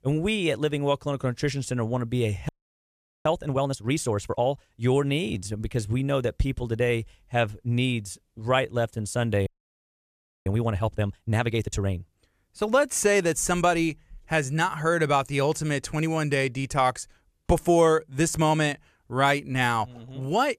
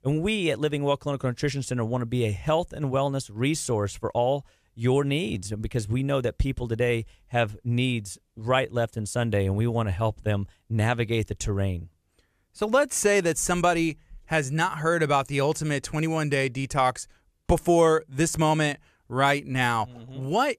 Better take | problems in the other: second | audio freezing; at 2.5 s for 1 s and at 9.5 s for 1 s

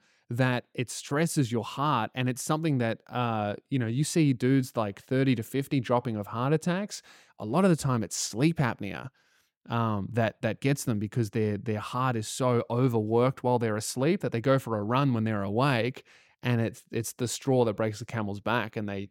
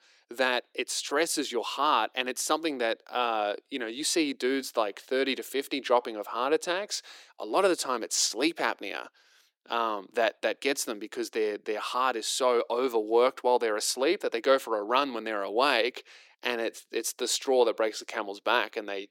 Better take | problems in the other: first | thin; very; fading below 350 Hz

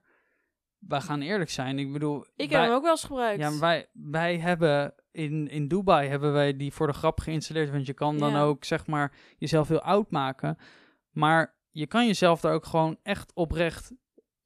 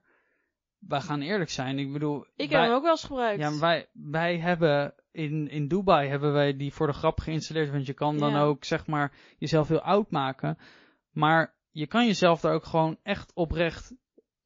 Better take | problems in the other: first | garbled, watery; slightly

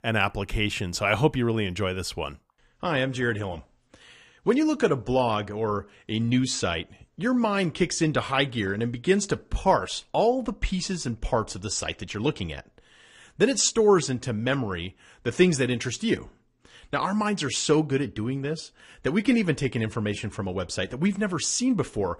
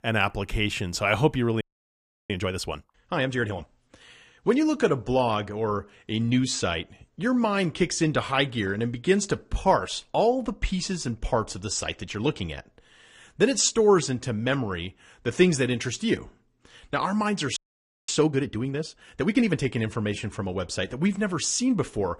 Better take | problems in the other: first | audio freezing; at 1.5 s for 0.5 s and at 18 s for 0.5 s

